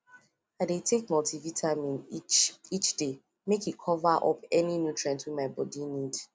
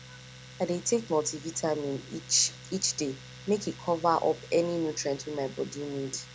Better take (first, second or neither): first